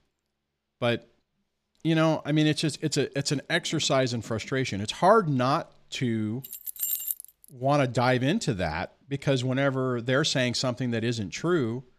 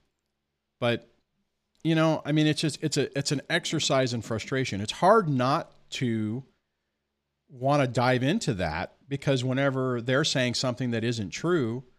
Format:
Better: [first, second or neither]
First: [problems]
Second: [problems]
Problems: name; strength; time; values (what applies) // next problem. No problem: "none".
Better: second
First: jangling keys; noticeable; at 6.5 s; peak 1 dB below the speech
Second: none